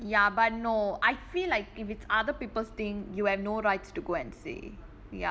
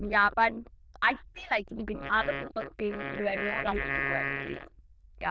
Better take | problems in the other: first | noise reduction (neural diffusion model UNIVERSE++)

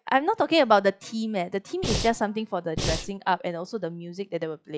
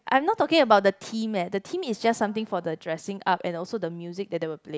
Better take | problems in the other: second | noise reduction (classical method log-MMSE)

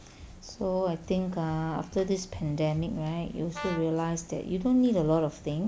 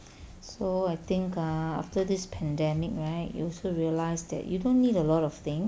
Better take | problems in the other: second | background sound (Brass instrument); 13 dB below the speech

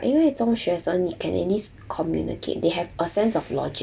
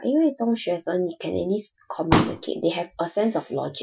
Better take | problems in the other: first | noise reduction (classical method Wiener filter)

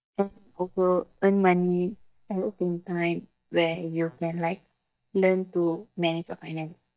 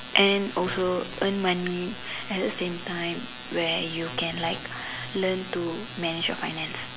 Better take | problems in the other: second | noise reduction (neural mask model DeepFilterNet 3)

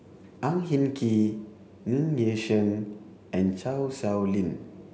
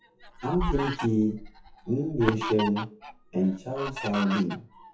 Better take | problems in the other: first | noise reduction (classical method WPE with log-MMSE)

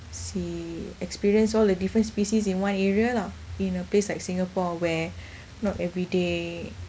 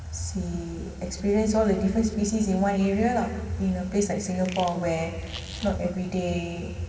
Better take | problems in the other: first | background sound (Fart); 17 dB below the speech // room echo; dies away in 2 s

